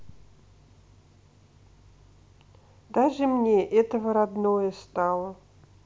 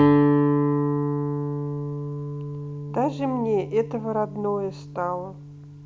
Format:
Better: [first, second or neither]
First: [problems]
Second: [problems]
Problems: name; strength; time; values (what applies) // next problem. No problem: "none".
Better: first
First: none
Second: background sound (Guitar); 4 dB above the speech